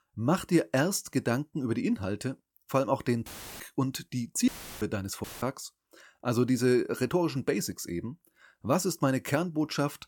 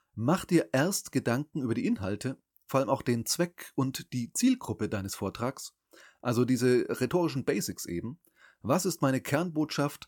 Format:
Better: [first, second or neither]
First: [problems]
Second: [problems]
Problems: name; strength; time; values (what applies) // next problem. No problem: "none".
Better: second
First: audio cutting out; filled with static; at 3.5 s, at 4.5 s and at 5 s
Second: none